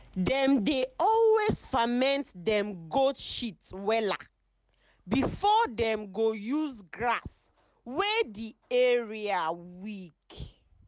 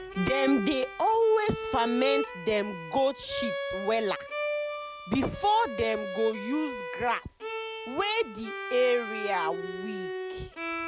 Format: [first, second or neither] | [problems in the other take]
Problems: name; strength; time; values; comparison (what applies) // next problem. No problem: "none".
first | background sound (Bowed string instrument); 6 dB below the speech